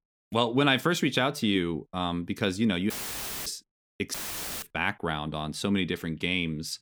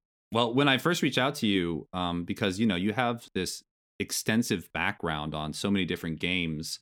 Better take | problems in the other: second | audio cutting out; filled with static; at 3 s for 0.5 s and at 4 s

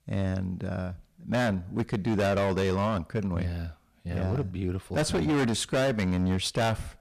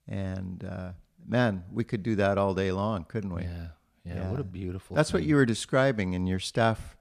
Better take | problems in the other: second | distortion; heavy; 15% of the sound clipped

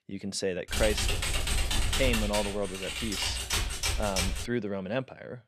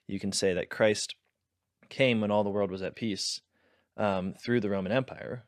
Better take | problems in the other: second | keyboard typing; loud; from 0.5 to 4.5 s; peak 4 dB above the speech

